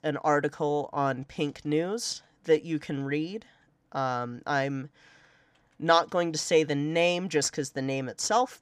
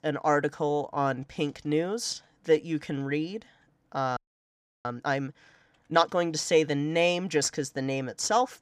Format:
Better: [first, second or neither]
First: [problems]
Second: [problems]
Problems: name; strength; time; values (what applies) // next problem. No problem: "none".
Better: first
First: none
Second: audio freezing; at 4 s for 0.5 s